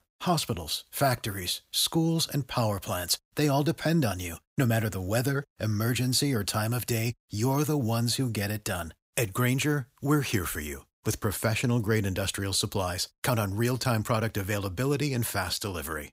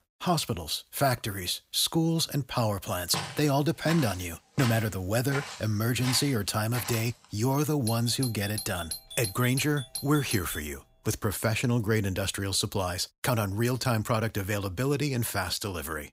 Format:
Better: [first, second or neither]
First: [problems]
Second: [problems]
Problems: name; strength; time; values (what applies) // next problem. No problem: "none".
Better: first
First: none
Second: footsteps; noticeable; from 3 to 7 s; peak 7 dB below the speech // doorbell; noticeable; from 8 to 11 s; peak 7 dB below the speech